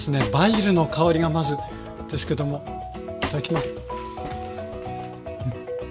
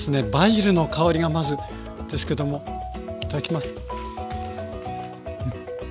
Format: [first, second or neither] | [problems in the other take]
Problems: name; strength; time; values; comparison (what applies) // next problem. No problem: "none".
second | background sound (Train); 12 dB below the speech // room echo; dies away in 1 s